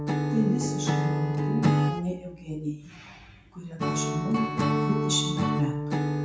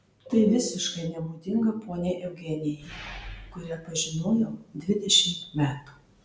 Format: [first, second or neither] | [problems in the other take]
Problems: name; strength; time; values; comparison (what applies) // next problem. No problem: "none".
second | background sound (Acoustic guitar / Strum); 4 dB above the speech // room echo; dies away in 0.3 s